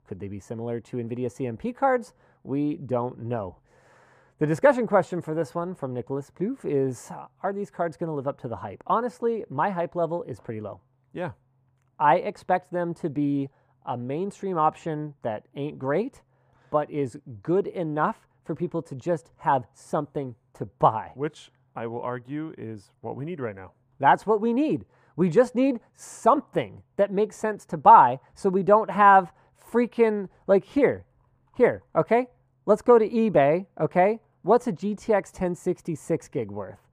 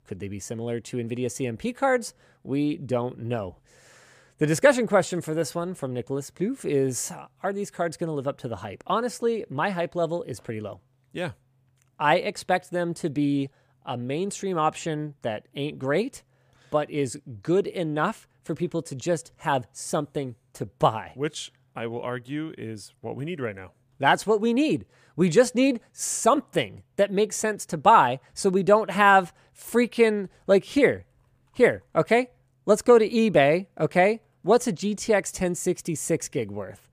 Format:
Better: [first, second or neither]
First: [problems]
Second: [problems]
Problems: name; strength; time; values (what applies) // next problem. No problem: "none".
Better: second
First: muffled; very; fading above 2.5 kHz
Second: none